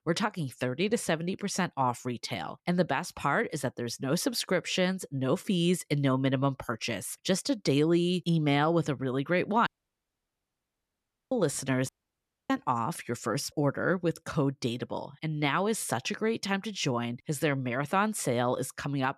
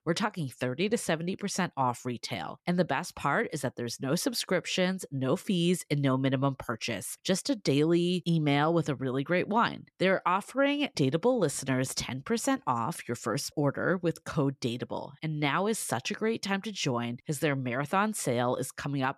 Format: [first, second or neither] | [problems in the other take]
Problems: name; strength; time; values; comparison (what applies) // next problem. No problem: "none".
second | audio cutting out; at 9.5 s for 1.5 s and at 12 s for 0.5 s